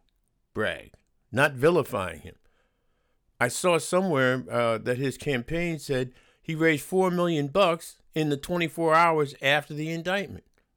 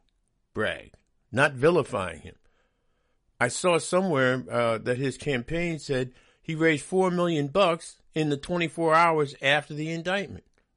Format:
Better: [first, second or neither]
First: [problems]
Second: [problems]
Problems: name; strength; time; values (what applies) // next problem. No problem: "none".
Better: first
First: none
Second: garbled, watery; slightly; nothing above 10.5 kHz